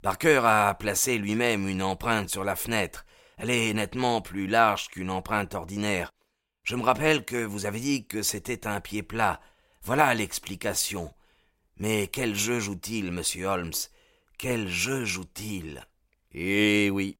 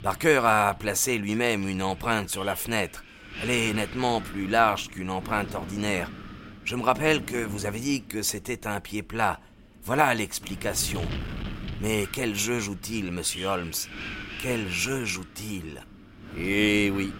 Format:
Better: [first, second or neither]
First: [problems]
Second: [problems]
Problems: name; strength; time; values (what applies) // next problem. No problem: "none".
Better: first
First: none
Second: wind noise on the microphone; occasional gusts; 15 dB below the speech